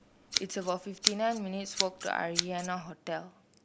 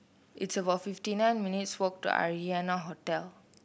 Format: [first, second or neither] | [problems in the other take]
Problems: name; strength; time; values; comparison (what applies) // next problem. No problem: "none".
second | background sound (Scissors); 1 dB below the speech